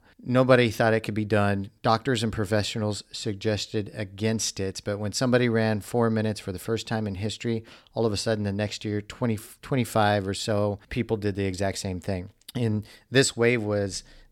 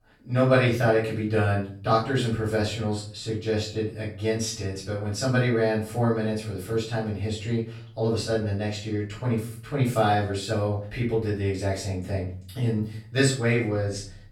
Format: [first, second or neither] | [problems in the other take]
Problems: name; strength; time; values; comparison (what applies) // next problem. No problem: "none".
first | off-mic speech; far // room echo; noticeable; dies away in 0.5 s